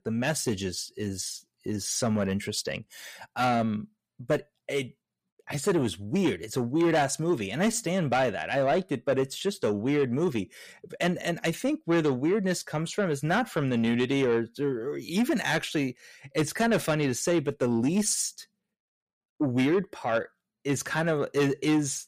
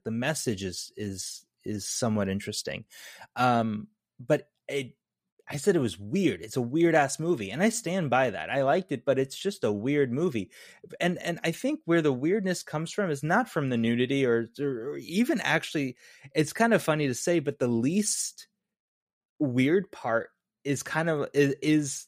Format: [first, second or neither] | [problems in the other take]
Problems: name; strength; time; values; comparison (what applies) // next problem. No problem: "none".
second | distortion; slight; 10 dB below the speech